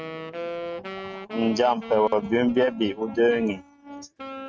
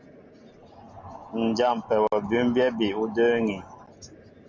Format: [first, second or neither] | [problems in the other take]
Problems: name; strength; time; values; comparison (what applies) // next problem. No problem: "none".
second | noise reduction (neural mask model RNNoise)